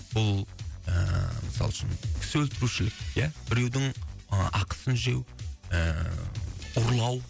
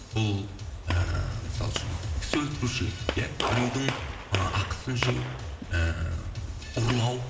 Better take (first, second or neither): first